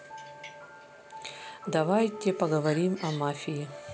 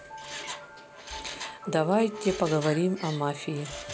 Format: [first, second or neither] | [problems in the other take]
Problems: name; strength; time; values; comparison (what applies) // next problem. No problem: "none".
first | background sound (Mechanisms); 14 dB below the speech